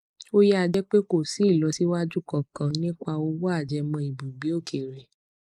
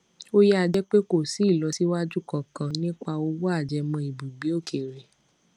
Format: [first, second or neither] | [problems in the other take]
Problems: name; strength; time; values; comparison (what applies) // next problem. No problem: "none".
second | noise reduction (neural mask model Resemble Enhance denoiser)